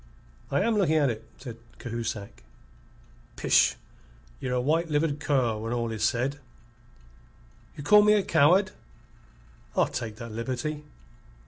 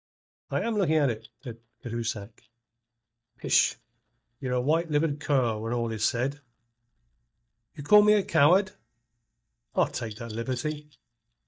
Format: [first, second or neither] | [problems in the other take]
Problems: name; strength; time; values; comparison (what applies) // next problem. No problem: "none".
first | noise reduction (neural mask model DeepFilterNet 3)